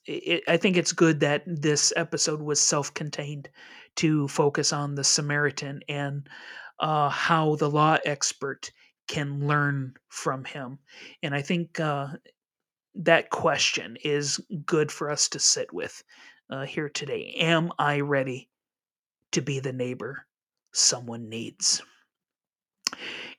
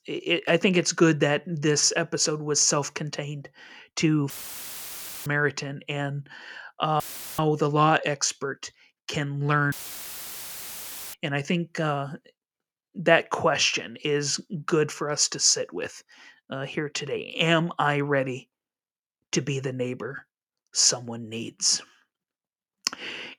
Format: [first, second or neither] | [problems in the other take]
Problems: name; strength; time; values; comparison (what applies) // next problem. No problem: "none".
first | audio cutting out; filled with static; at 4.5 s for 1 s, at 7 s and at 9.5 s for 1.5 s